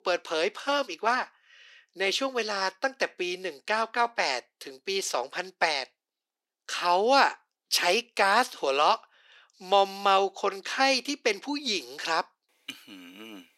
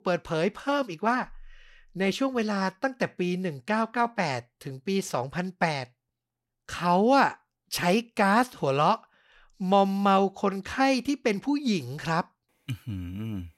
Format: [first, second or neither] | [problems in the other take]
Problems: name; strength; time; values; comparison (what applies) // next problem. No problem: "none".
second | thin; somewhat; fading below 350 Hz